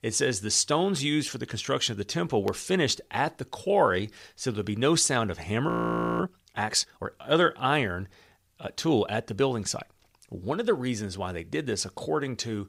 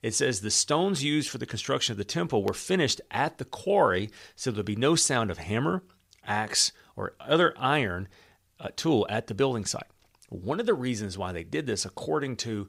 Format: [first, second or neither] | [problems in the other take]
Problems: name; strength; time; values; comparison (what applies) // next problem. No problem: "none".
second | audio freezing; at 5.5 s for 0.5 s